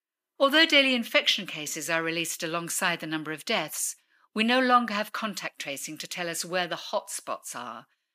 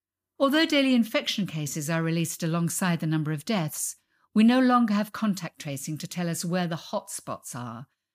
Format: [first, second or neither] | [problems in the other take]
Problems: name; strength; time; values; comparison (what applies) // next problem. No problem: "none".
second | thin; somewhat; fading below 400 Hz